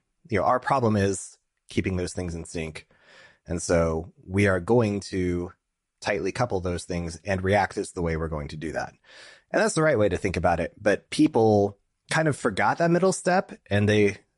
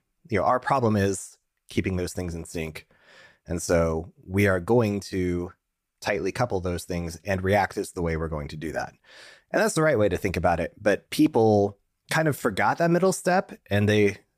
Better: second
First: garbled, watery; slightly; nothing above 10.5 kHz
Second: none

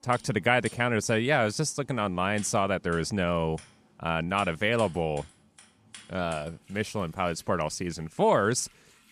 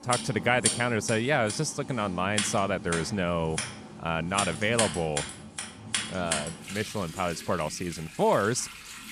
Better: first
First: household noises; faint; throughout; 25 dB below the speech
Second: household noises; loud; throughout; 5 dB below the speech

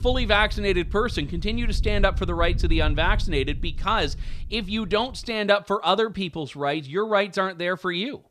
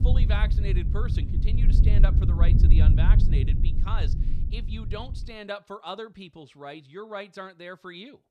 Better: first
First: low rumble; faint; until 5.5 s; 25 dB below the speech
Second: low rumble; loud; until 5.5 s; 3 dB below the speech

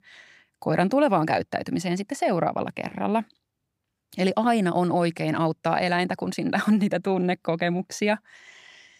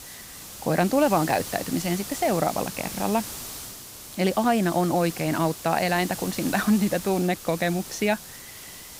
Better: first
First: none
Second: hiss; noticeable; throughout; 10 dB below the speech

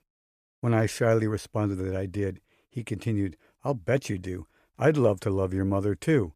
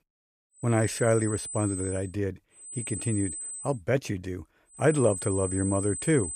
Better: first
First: none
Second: high-pitched whine; loud; from 0.5 to 2 s, at 2.5 s and from 5 s on; 8 kHz, 7 dB below the speech

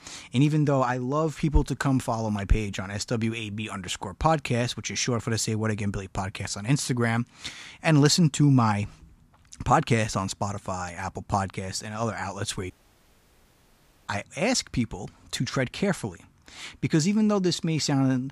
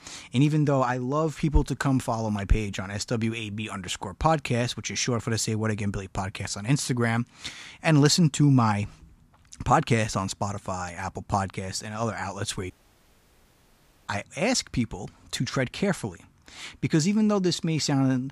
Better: neither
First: audio cutting out; at 13 s for 1.5 s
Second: audio cutting out; at 13 s for 1.5 s

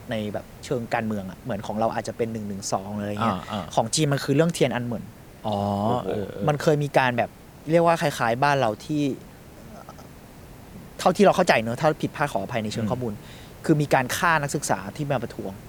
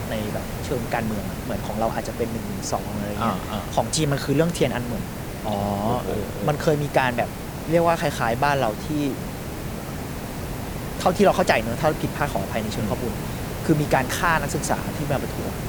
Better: first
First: hiss; faint; throughout; 20 dB below the speech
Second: hiss; loud; throughout; 7 dB below the speech

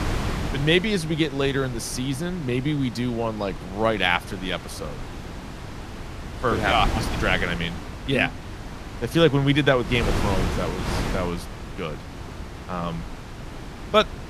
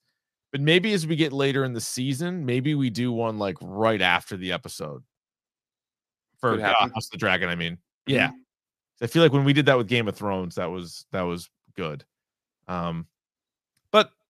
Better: second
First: wind noise on the microphone; occasional gusts; 10 dB below the speech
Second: none

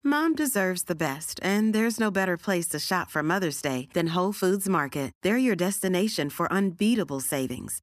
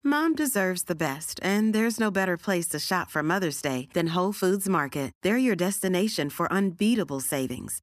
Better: neither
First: none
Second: none

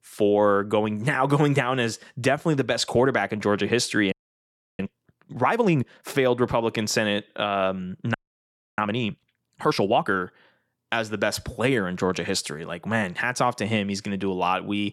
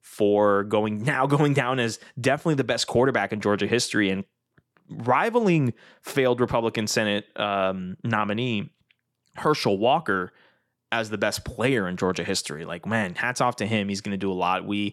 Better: second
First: audio freezing; at 4 s for 0.5 s and at 8 s for 0.5 s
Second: none

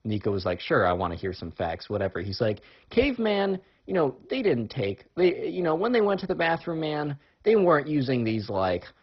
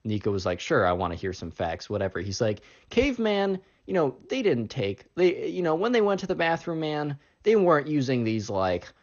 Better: second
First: garbled, watery; badly; nothing above 5.5 kHz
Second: garbled, watery; slightly; nothing above 6.5 kHz

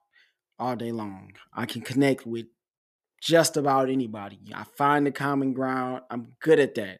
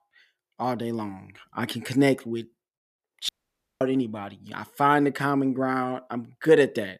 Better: first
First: none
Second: audio cutting out; at 3.5 s for 0.5 s

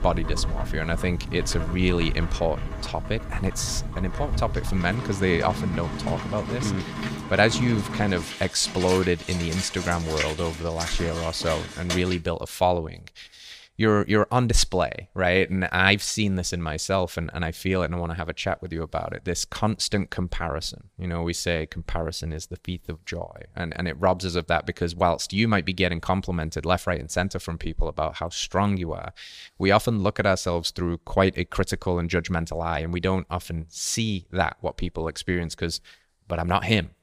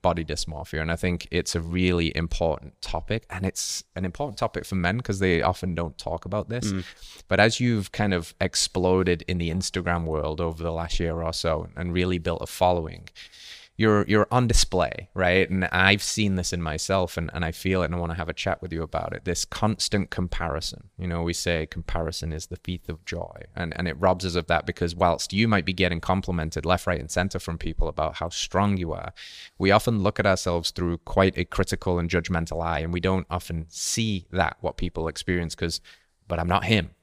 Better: second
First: rain or running water; loud; until 12 s; 7 dB below the speech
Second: none

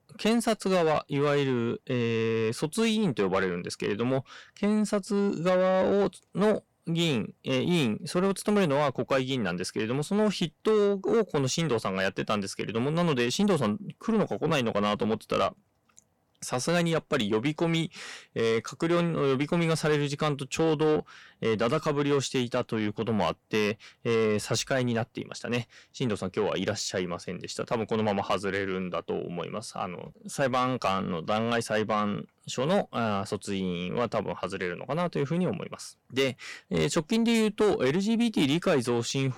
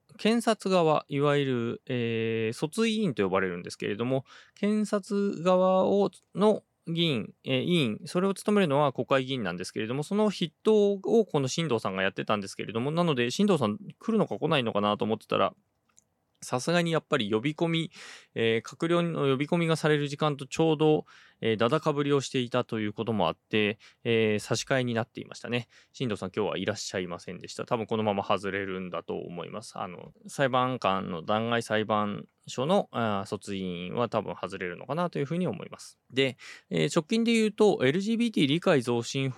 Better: second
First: distortion; slight; 10 dB below the speech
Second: none

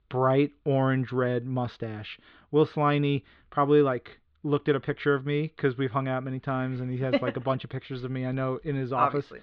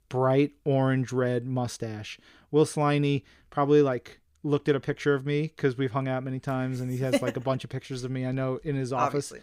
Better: second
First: muffled; slightly; fading above 4 kHz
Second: none

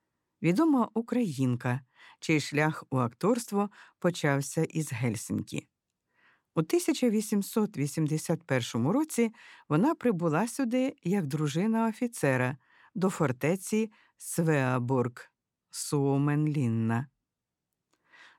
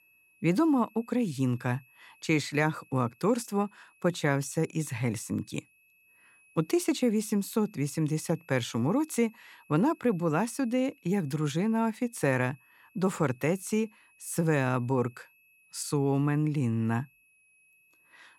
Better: first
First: none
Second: high-pitched whine; faint; throughout; 2.5 kHz, 30 dB below the speech

